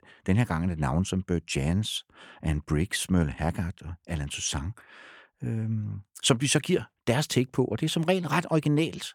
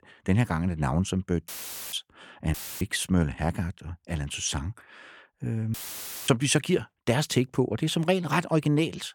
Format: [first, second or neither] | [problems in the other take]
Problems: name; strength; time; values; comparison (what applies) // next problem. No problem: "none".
first | audio cutting out; filled with static; at 1.5 s, at 2.5 s and at 5.5 s for 0.5 s